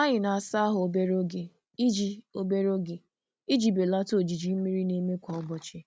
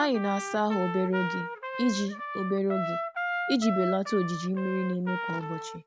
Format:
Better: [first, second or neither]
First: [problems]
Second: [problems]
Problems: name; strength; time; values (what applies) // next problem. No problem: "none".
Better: first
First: none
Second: background sound (Trumpet); 6 dB below the speech